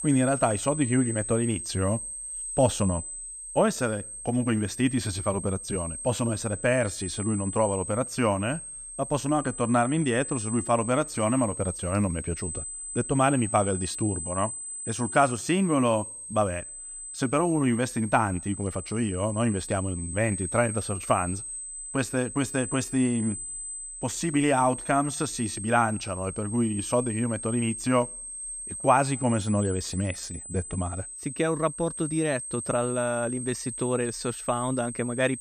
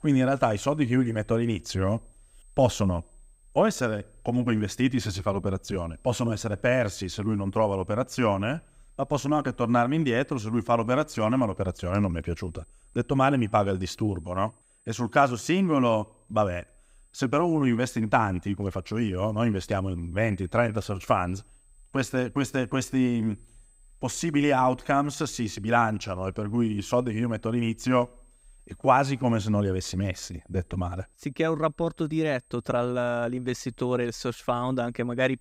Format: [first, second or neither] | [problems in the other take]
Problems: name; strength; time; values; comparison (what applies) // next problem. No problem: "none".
second | high-pitched whine; loud; throughout; 8 kHz, 7 dB below the speech; faint in the second